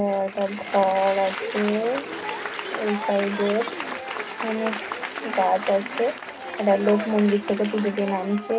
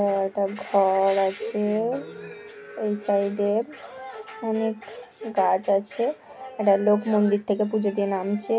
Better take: second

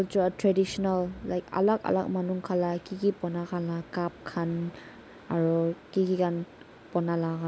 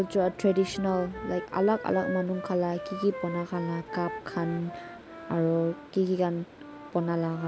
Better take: first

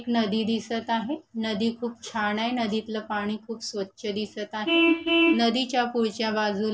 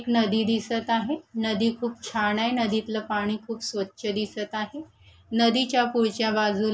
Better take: second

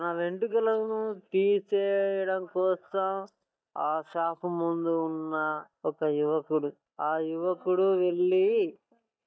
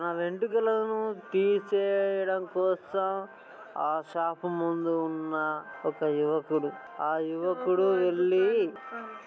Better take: second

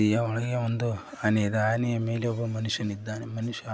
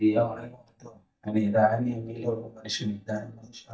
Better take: first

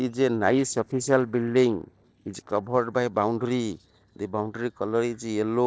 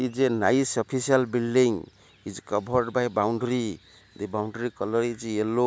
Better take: second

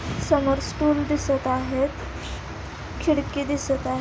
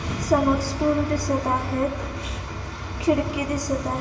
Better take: first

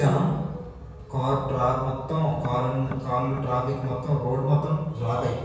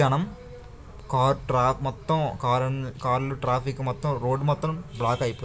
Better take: second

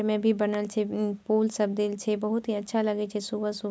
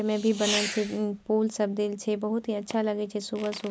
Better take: first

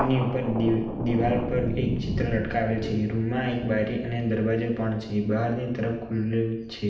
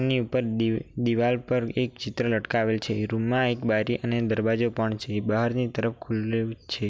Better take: second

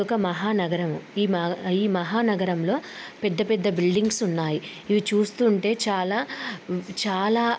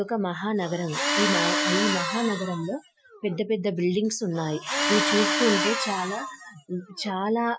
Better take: first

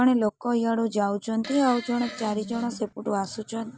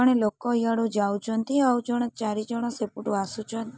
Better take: second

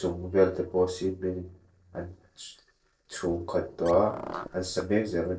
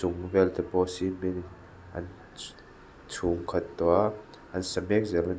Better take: second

